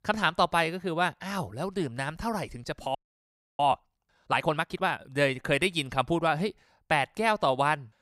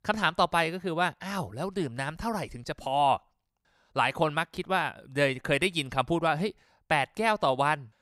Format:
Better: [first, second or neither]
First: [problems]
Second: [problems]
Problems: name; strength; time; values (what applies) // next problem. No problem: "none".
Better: second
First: audio freezing; at 3 s for 0.5 s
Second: none